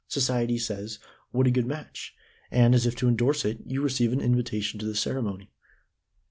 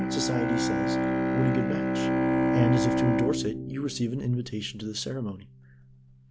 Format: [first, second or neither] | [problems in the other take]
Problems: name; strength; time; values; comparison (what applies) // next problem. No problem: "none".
first | background sound (Bowed string instrument); 3 dB above the speech